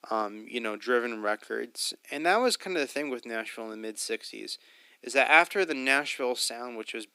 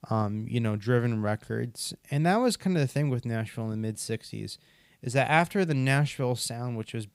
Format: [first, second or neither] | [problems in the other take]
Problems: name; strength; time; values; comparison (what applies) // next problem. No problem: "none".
second | thin; very; fading below 300 Hz